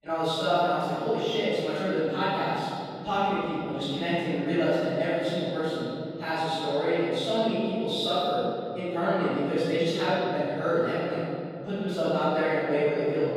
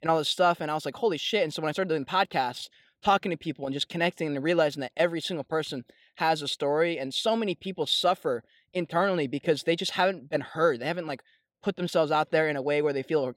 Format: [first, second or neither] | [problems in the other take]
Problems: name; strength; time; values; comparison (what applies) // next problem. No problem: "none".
second | off-mic speech; far // room echo; strong; dies away in 3 s